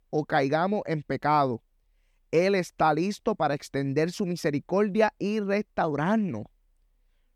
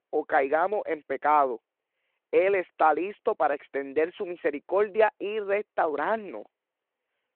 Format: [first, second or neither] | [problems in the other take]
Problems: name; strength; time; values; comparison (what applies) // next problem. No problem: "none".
first | phone-call audio